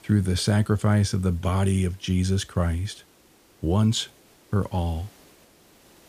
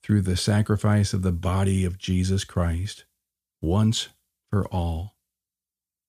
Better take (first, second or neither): second